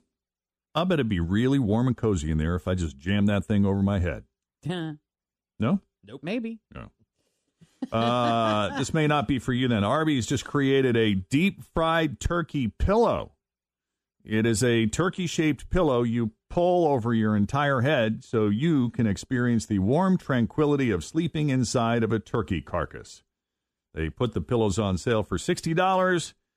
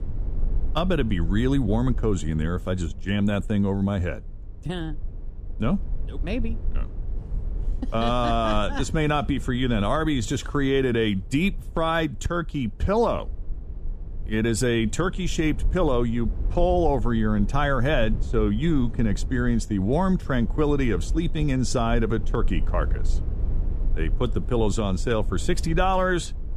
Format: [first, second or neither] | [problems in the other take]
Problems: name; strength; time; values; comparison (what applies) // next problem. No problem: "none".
first | low rumble; faint; throughout; 20 dB below the speech